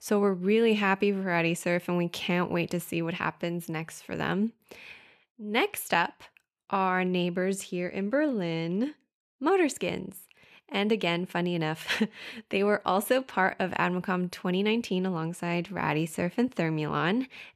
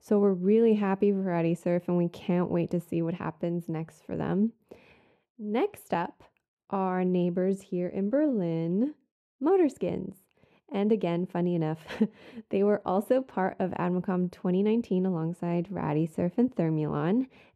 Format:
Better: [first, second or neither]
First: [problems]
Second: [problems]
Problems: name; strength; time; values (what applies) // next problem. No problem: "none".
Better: first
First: none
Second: muffled; slightly; fading above 1 kHz